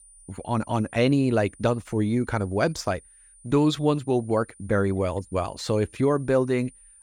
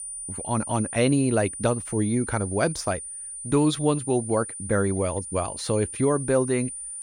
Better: first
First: high-pitched whine; faint; throughout; 9.5 kHz, 25 dB below the speech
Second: high-pitched whine; loud; throughout; 9.5 kHz, 8 dB below the speech

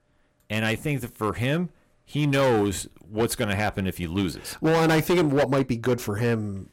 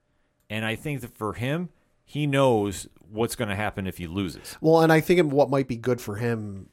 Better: second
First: distortion; heavy; 10% of the sound clipped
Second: none

